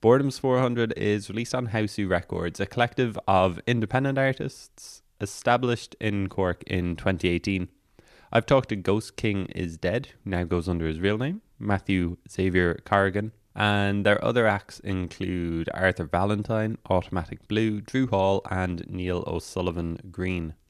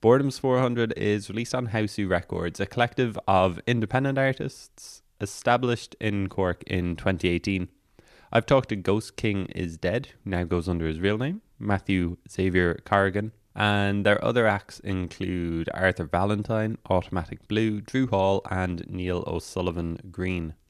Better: neither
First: none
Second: none

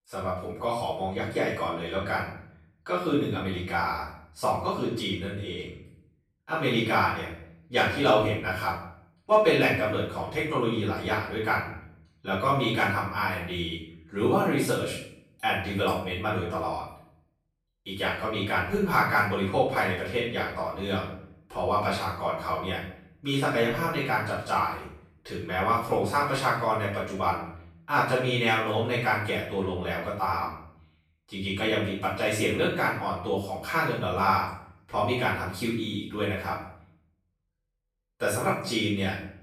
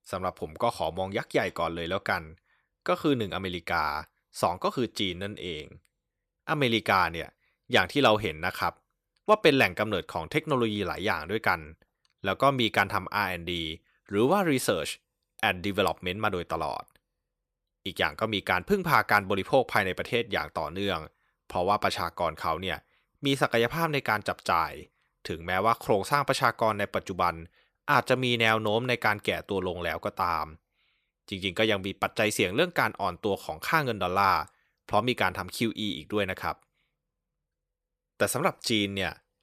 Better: second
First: off-mic speech; far // room echo; noticeable; dies away in 0.6 s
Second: none

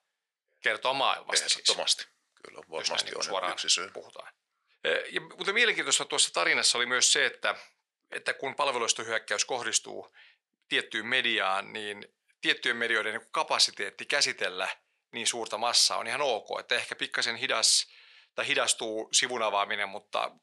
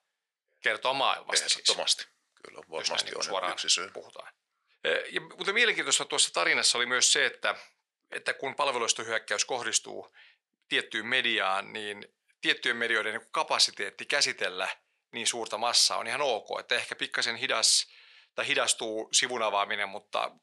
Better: neither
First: thin; very; fading below 700 Hz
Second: thin; very; fading below 700 Hz

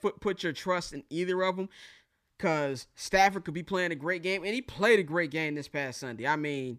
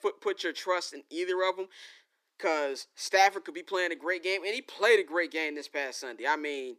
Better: first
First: none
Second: thin; somewhat; fading below 300 Hz

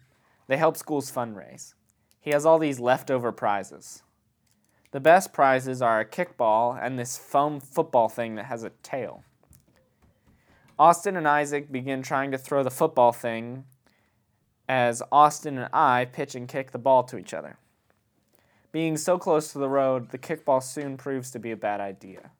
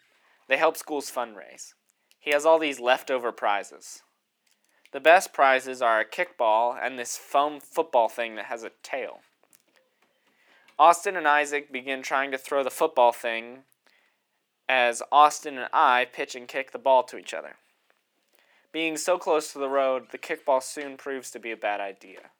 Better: first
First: none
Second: thin; somewhat; fading below 350 Hz

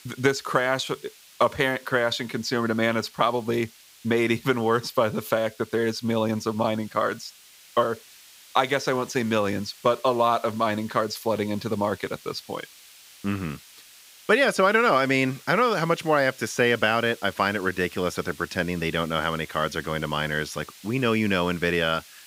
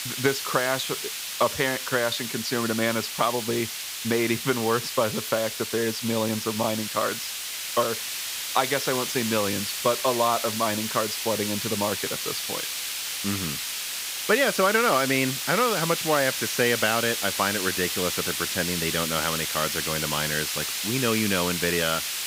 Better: first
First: hiss; faint; throughout; 20 dB below the speech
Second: hiss; loud; throughout; 2 dB below the speech

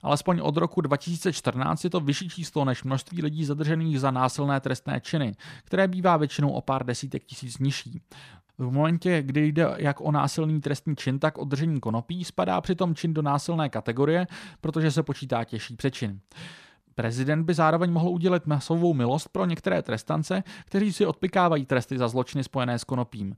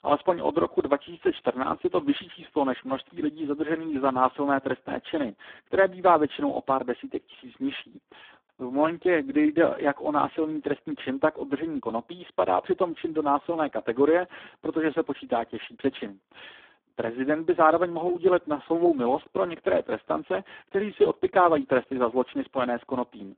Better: first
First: none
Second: phone-call audio; poor line

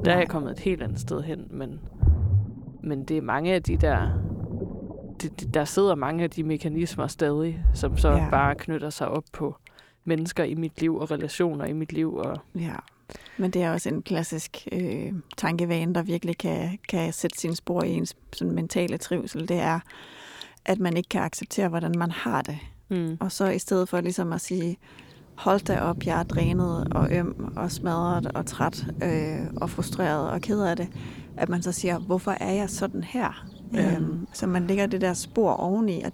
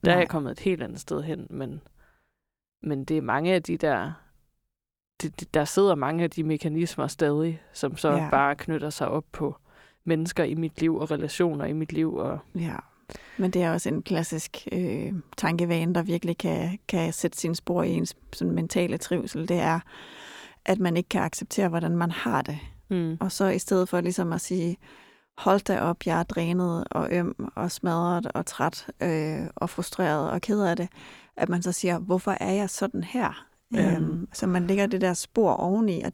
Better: second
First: rain or running water; loud; throughout; 4 dB below the speech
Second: none

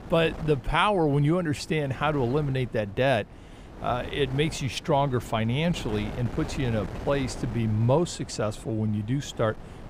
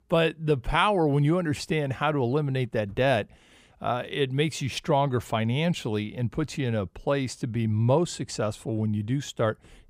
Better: second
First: wind noise on the microphone; occasional gusts; 15 dB below the speech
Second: none

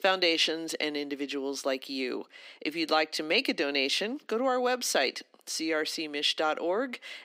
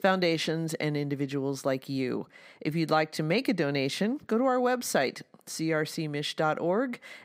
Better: second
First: thin; very slightly; fading below 250 Hz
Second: none

